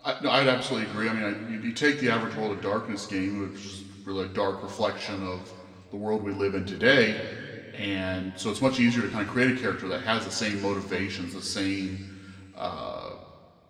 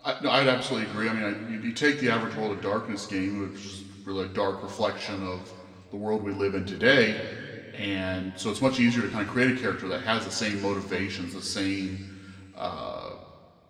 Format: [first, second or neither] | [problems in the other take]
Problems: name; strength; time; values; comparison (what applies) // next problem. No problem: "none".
neither | room echo; slight; dies away in 1.9 s; the same in both // off-mic speech; somewhat distant; the same in both